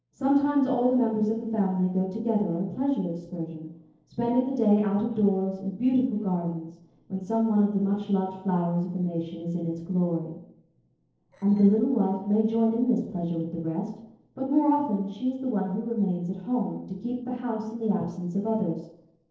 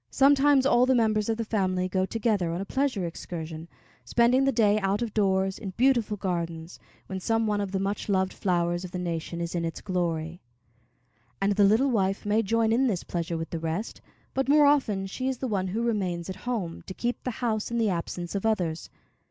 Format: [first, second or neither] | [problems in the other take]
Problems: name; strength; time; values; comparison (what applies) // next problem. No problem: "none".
second | noise reduction (neural separator model SepFormer DNS4)